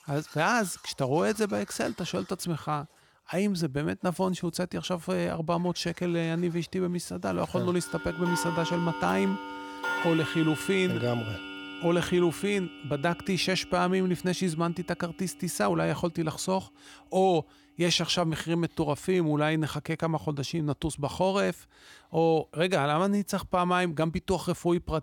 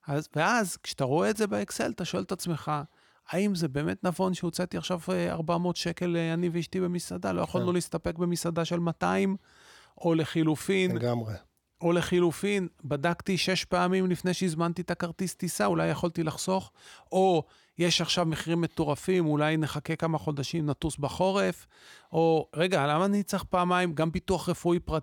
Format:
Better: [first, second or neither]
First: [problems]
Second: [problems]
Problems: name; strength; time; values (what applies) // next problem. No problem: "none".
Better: second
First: household noises; noticeable; throughout; 10 dB below the speech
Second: none